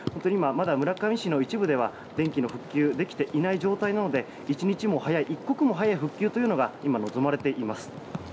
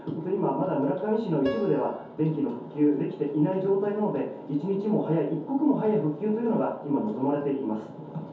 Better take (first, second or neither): first